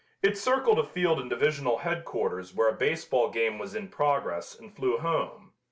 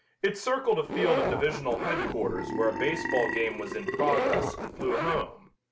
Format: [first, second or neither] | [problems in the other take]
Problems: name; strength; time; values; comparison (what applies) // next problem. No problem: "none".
first | background sound (Zipper (clothing) + Burping, eructation); 1 dB below the speech